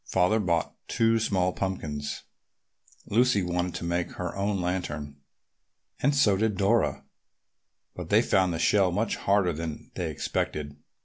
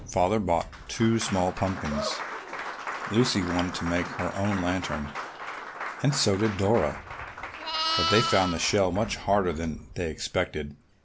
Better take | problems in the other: first | background sound (Applause + Livestock, farm animals, working animals); 7 dB below the speech

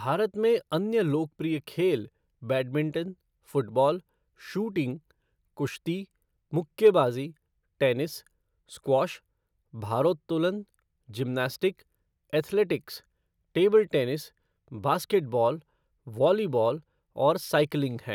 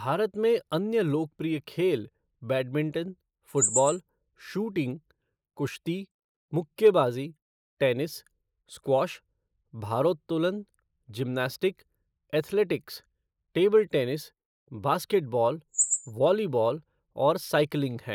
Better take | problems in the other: first | noise reduction (neural mask model Resemble Enhance denoiser)

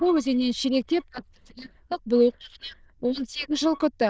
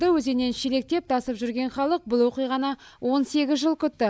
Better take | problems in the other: second | noise reduction (neural diffusion model UNIVERSE++)

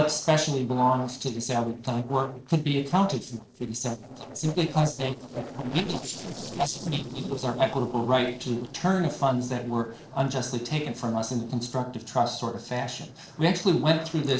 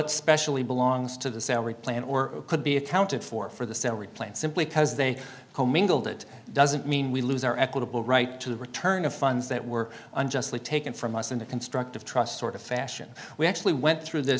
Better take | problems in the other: second | noise reduction (neural separator model SepFormer DNS4)

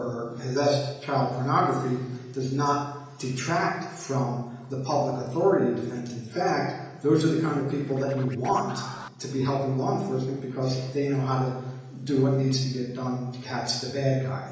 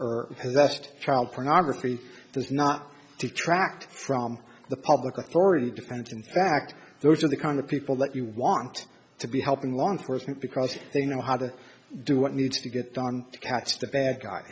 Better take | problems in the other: second | background sound (Scratching (performance technique)); 16 dB below the speech // room echo; dies away in 1 s

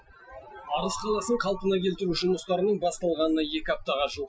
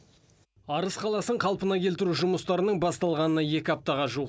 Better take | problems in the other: second | noise reduction (classical method Wiener filter)

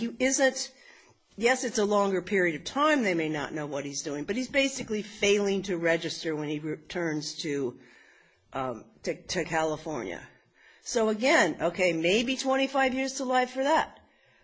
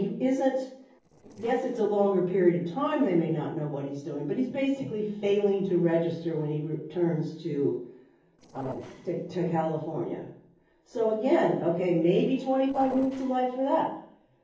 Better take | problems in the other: first | noise reduction (neural separator model SepFormer DNS4)

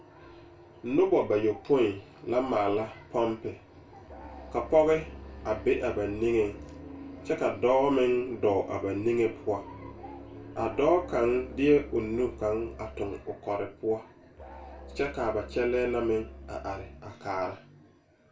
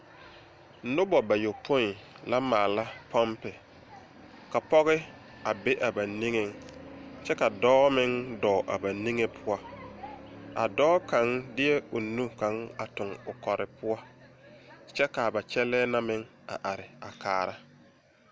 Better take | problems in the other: second | background sound (Musical instrument); 17 dB below the speech // room echo; dies away in 0.3 s

